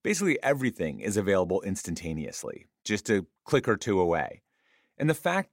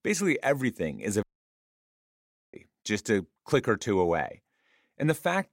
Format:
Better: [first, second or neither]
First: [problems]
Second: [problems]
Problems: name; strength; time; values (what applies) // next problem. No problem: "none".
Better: first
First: none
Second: audio cutting out; at 1 s for 1.5 s